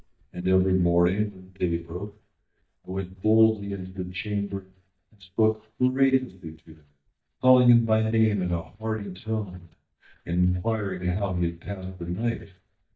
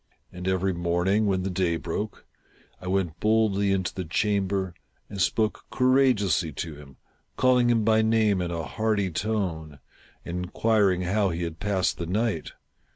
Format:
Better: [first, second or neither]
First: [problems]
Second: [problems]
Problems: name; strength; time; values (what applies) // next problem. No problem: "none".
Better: second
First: noise reduction (neural mask model DeepFilterNet 3)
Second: none